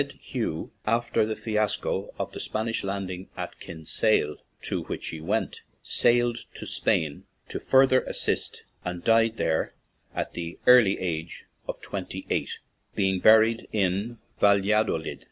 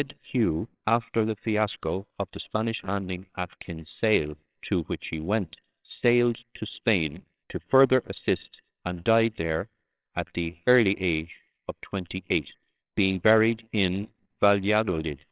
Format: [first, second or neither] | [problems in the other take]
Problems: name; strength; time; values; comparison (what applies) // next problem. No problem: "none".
first | noise reduction (neural separator model SepFormer WHAMR!)